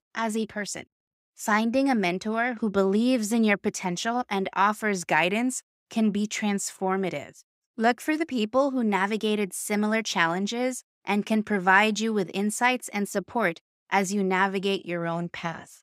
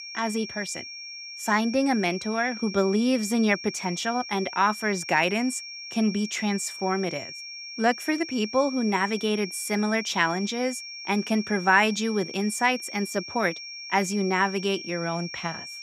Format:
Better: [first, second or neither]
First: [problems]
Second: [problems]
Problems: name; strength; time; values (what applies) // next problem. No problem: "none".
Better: first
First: none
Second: high-pitched whine; noticeable; throughout; 5.5 kHz, 10 dB below the speech